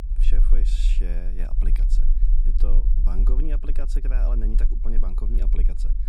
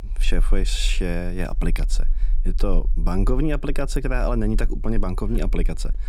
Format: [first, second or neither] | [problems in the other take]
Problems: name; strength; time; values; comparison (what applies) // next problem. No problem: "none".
second | low rumble; loud; throughout; 7 dB below the speech; faint in the second